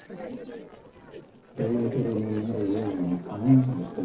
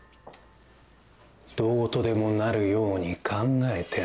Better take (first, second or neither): second